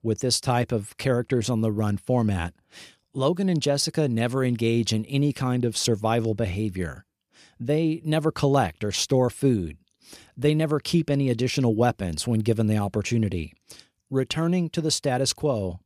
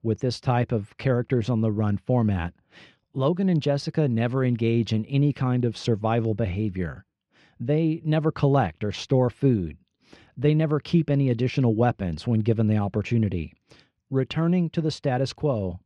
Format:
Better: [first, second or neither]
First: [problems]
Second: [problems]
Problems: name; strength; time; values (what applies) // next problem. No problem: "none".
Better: first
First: none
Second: muffled; slightly; fading above 3 kHz